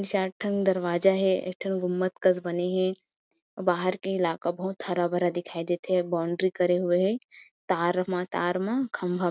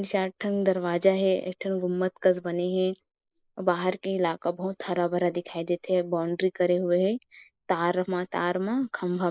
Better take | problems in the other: first | noise reduction (neural mask model Resemble Enhance denoiser)

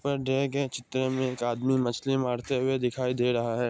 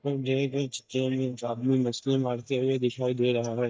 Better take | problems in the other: first | noise reduction (neural mask model DeepFilterNet 3)

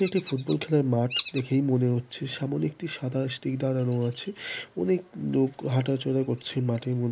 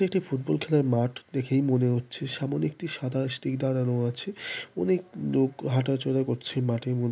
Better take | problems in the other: second | noise reduction (neural mask model Resemble Enhance denoiser)

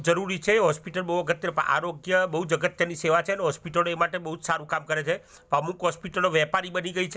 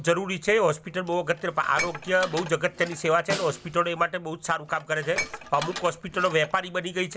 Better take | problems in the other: first | background sound (Dishes, pots, and pans + Snare drum); 12 dB below the speech

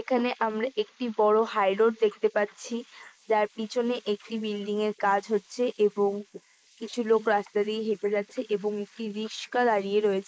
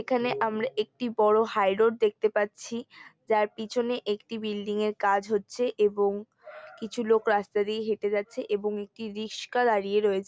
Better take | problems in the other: second | noise reduction (neural mask model Resemble Enhance denoiser)

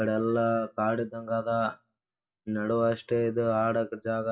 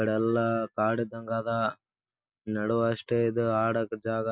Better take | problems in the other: second | room echo; dies away in 0.2 s

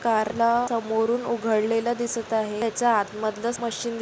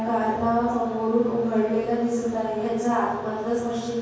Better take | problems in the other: first | room echo; dies away in 1.3 s

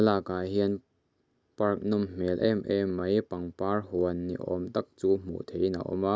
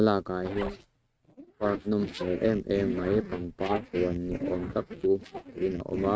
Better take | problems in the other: first | noise reduction (neural mask model RNNoise)

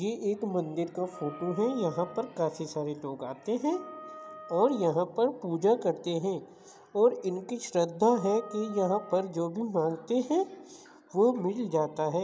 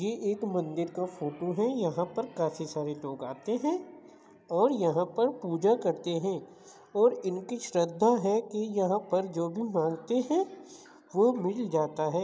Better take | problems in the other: second | background sound (Wind instrument, woodwind instrument); 19 dB below the speech

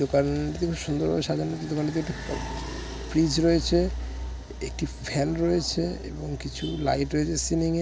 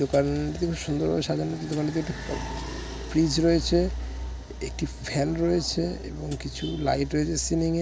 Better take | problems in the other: first | background sound (Hi-hat); 19 dB below the speech

